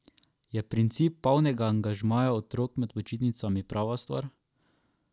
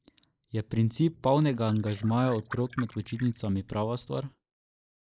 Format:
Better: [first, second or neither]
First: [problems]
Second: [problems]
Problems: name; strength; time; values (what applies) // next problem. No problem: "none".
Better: first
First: none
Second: noise reduction (neural mask model Resemble Enhance denoiser)